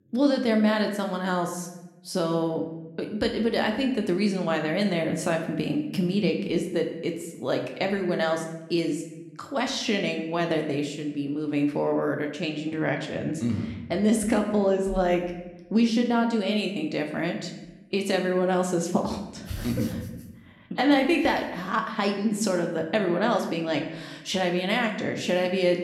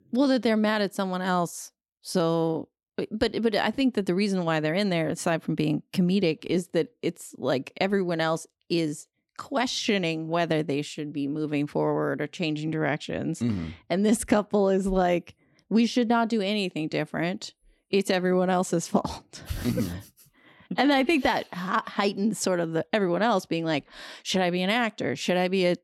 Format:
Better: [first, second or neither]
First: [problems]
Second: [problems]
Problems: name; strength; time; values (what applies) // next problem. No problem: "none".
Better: second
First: room echo; slight; dies away in 0.7 s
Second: none